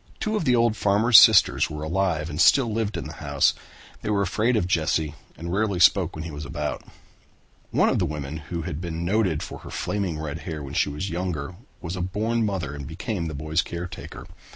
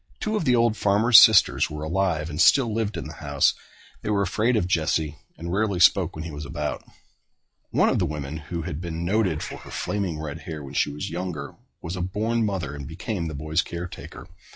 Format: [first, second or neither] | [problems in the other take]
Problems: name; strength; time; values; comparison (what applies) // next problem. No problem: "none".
first | noise reduction (classical method log-MMSE)